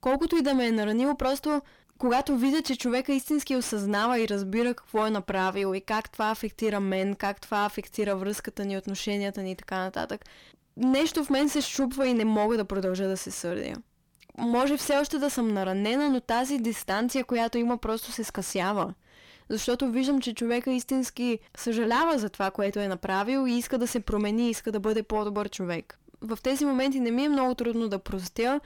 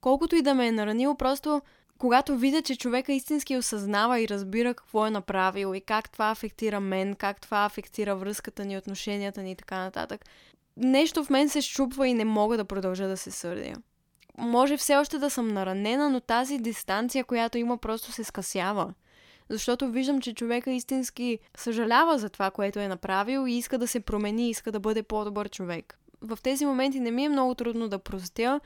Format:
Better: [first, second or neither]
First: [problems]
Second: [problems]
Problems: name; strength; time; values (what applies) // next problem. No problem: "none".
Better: second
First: distortion; slight; 10 dB below the speech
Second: none